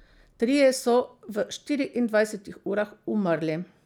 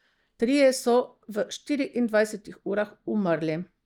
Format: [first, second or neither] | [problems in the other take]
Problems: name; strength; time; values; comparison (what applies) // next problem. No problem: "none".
first | noise reduction (neural mask model DeepFilterNet 3)